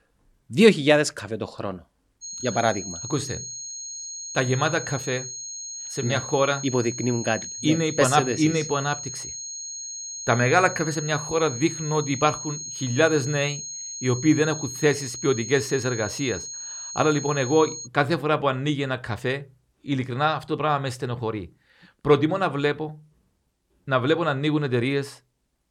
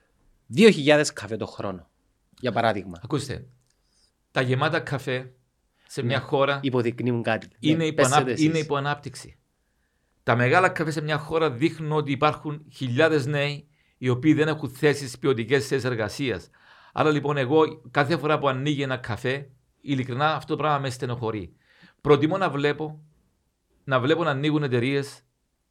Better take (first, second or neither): second